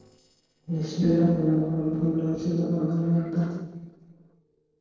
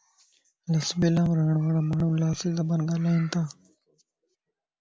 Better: second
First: noise reduction (neural separator model SepFormer DNS4)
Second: none

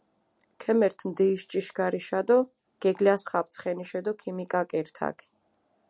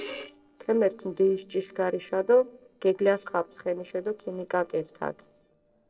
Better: first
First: none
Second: noise reduction (neural separator model SepFormer DNS4)

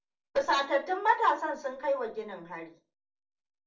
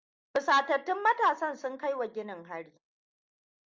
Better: second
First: room echo; dies away in 0.3 s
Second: none

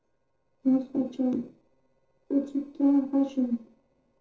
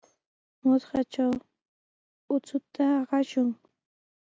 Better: second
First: noise reduction (neural separator model SepFormer DNS4)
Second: none

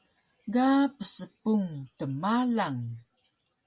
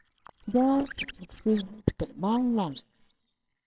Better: first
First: none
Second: noise reduction (neural separator model SepFormer WHAMR!)

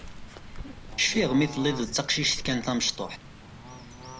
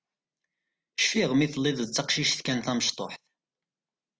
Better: second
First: background sound (Bird / Fowl); 12 dB below the speech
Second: none

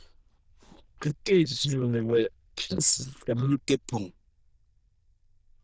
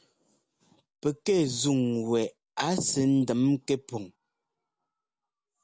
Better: second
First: noise reduction (neural diffusion model UNIVERSE++)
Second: none

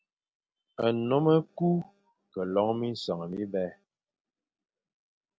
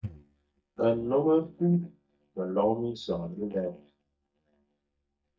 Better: first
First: none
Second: noise reduction (neural mask model DeepFilterNet 3)

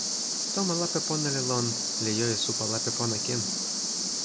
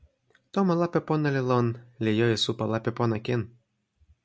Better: second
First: background sound (Cricket); 2 dB above the speech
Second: none

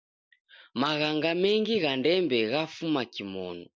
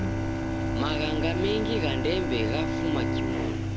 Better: first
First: none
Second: background sound (Bowed string instrument + Engine); 3 dB above the speech

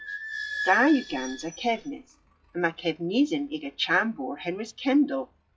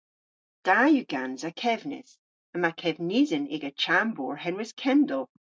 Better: second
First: noise reduction (classical method log-MMSE)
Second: none

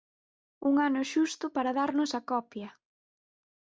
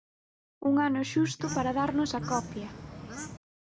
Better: first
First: none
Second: background sound (Bird / Fowl + Electric guitar); 8 dB below the speech

